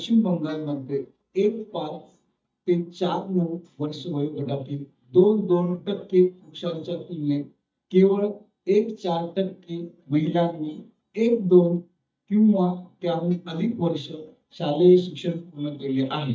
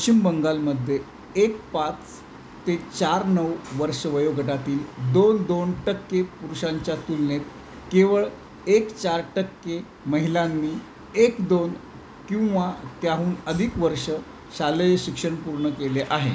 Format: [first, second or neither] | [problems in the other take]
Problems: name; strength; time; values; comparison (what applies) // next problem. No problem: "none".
second | noise reduction (neural mask model DeepFilterNet 3)